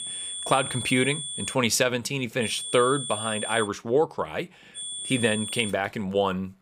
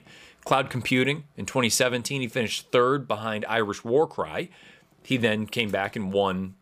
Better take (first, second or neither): second